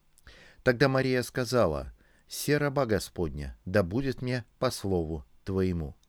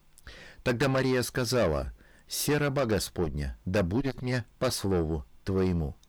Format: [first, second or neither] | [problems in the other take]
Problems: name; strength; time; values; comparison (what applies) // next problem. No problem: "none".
first | distortion; heavy; 7 dB below the speech